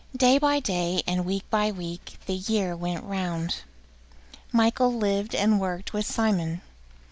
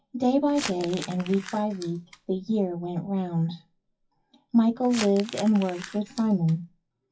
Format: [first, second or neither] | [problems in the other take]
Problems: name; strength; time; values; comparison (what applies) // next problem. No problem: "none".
first | noise reduction (classical method WPE with log-MMSE)